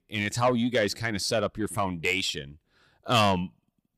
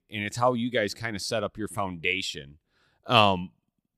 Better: second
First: distortion; heavy; 8 dB below the speech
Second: none

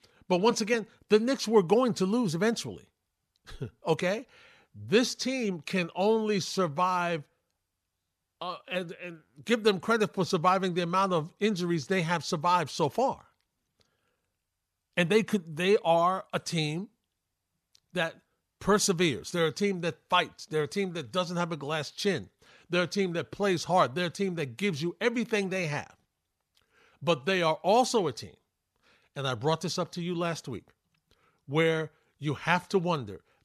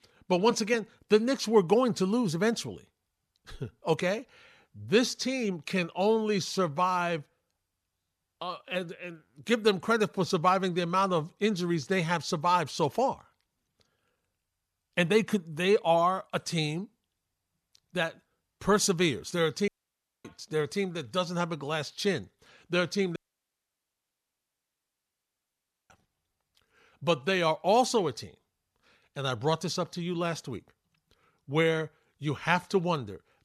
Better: first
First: none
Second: audio cutting out; at 20 s for 0.5 s and at 23 s for 2.5 s

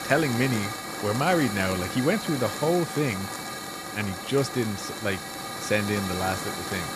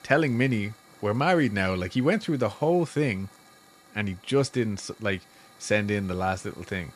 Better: second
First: hiss; loud; throughout; 5 dB below the speech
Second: hiss; faint; throughout; 25 dB below the speech

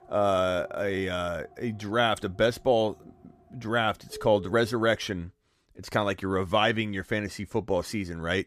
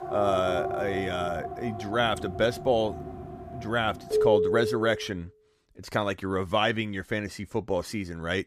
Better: first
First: alarms or sirens; faint; until 4.5 s; 20 dB below the speech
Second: alarms or sirens; loud; until 4.5 s; 3 dB below the speech

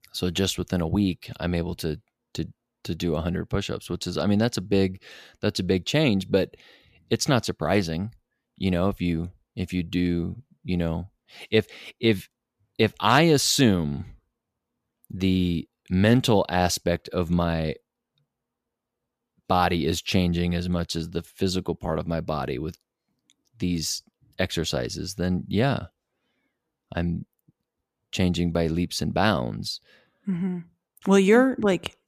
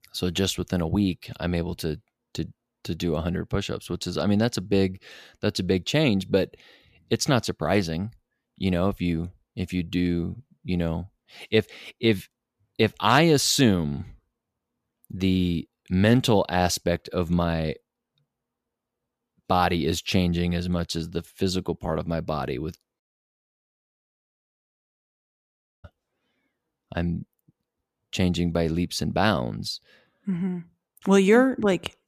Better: first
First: none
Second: audio cutting out; at 23 s for 3 s

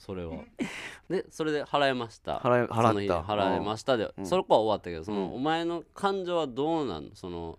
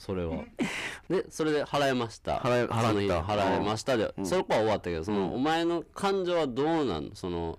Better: first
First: none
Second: distortion; heavy; 7 dB below the speech

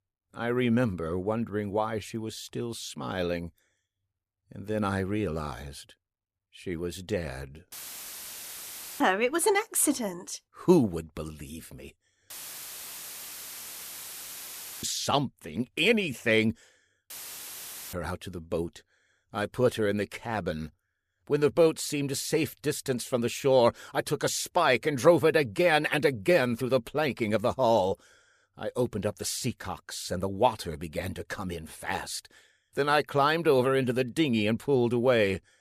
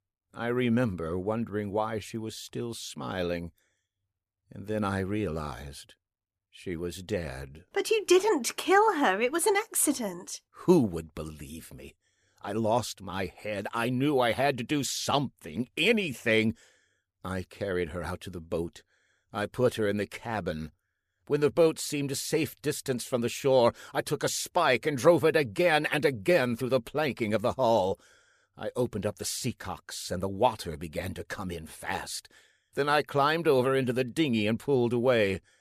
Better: second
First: audio cutting out; filled with static; at 7.5 s for 1.5 s, at 12 s for 2.5 s and at 17 s for 1 s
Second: none

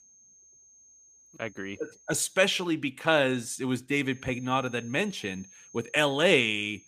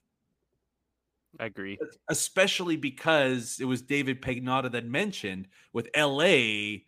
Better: second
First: high-pitched whine; faint; until 2.5 s and from 4 s on; 6.5 kHz, 25 dB below the speech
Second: none

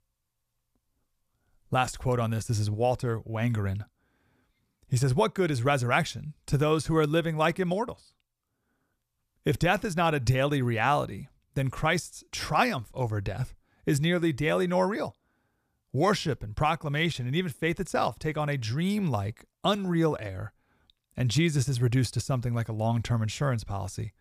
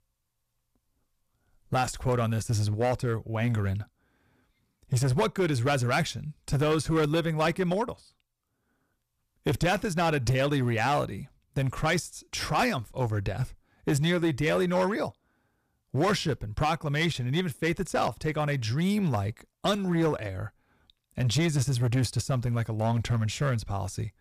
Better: first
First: none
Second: distortion; slight; 6% of the sound clipped

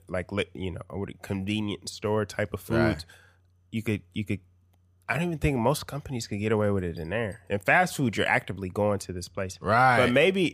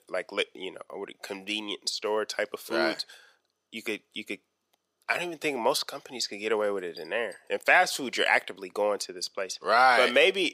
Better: first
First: none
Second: thin; somewhat; fading below 350 Hz

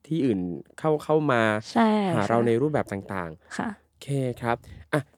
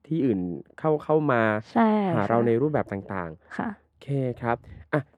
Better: first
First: none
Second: muffled; slightly; fading above 3.5 kHz

